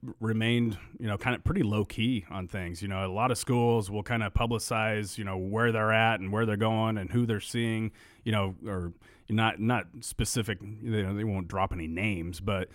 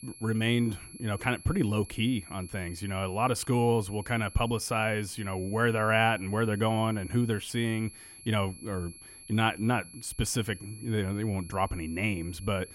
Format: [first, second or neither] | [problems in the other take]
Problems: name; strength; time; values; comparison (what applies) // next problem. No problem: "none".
first | high-pitched whine; noticeable; throughout; 11 kHz, 15 dB below the speech